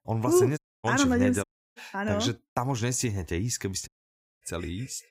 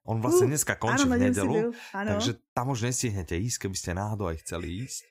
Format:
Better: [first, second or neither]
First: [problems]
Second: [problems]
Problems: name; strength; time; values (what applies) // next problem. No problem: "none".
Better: second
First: audio cutting out; at 0.5 s, at 1.5 s and at 4 s for 0.5 s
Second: none